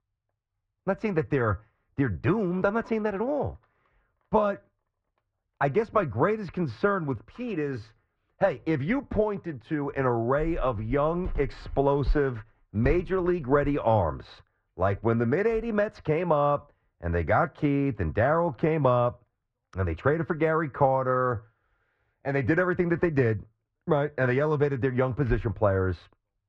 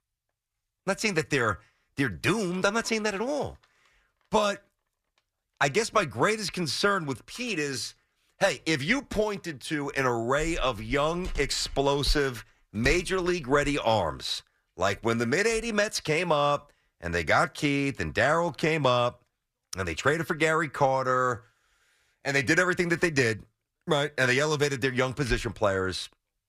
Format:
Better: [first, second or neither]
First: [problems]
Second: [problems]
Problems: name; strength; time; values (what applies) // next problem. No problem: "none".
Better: second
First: muffled; very; fading above 1 kHz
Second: none